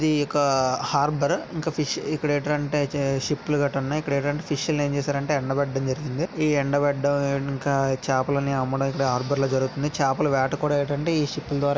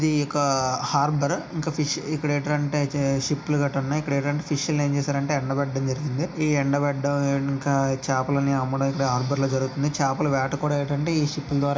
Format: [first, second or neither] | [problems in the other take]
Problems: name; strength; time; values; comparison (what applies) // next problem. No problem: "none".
first | room echo; dies away in 0.4 s